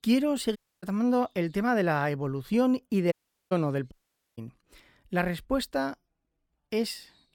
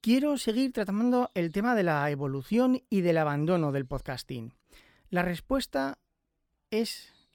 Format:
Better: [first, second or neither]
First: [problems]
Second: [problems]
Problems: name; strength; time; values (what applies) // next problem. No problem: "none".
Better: second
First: audio cutting out; at 0.5 s, at 3 s and at 4 s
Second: none